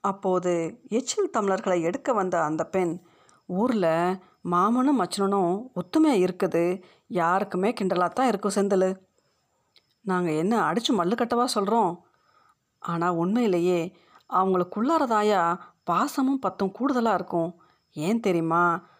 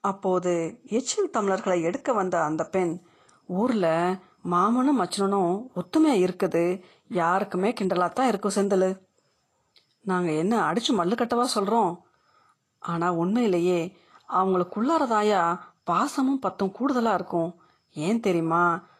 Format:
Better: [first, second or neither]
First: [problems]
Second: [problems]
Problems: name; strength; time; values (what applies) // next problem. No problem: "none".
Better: first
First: none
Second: garbled, watery; slightly; nothing above 12.5 kHz